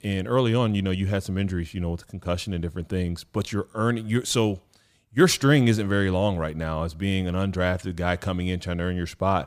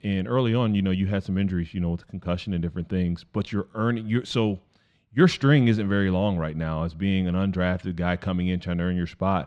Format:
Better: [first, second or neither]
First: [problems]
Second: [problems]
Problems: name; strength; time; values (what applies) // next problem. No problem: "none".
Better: first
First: none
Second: muffled; very slightly; fading above 3 kHz